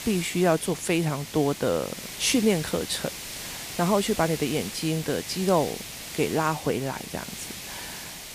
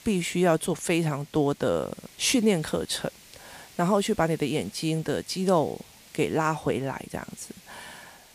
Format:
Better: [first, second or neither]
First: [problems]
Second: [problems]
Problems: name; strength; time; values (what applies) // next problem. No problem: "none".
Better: second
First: hiss; loud; throughout; 9 dB below the speech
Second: hiss; faint; throughout; 25 dB below the speech